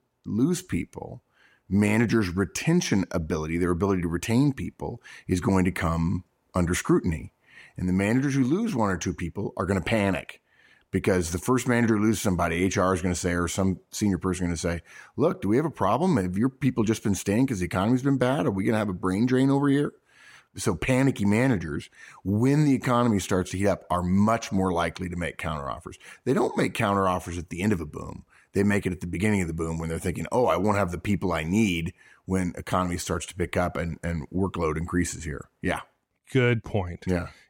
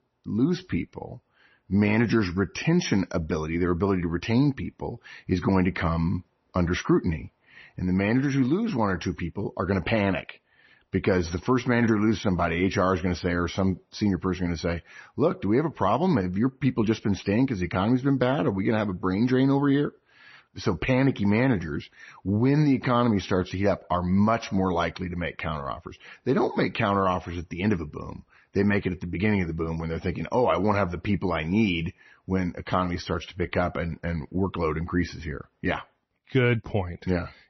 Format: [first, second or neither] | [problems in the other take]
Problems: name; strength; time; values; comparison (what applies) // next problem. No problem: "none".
first | garbled, watery; slightly; nothing above 6 kHz